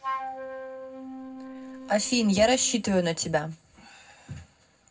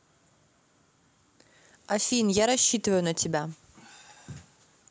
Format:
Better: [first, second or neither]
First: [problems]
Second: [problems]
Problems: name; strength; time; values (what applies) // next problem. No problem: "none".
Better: second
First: noise reduction (neural separator model SepFormer DNS4)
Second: none